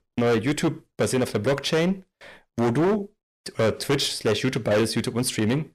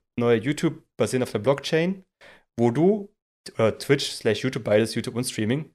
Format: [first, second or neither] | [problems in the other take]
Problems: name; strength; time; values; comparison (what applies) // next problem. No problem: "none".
second | distortion; heavy; 14% of the sound clipped